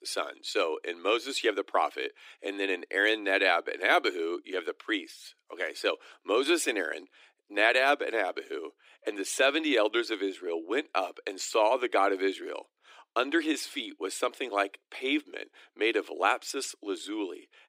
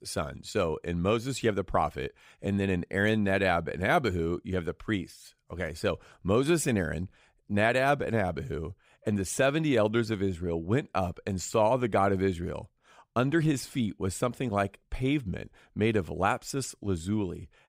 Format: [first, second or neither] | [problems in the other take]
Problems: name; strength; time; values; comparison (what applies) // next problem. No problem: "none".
second | thin; somewhat; fading below 300 Hz